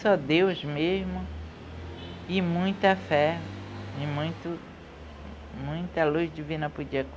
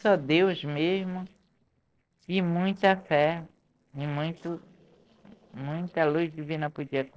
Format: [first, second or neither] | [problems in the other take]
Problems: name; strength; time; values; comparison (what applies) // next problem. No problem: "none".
first | noise reduction (neural separator model SepFormer DNS4)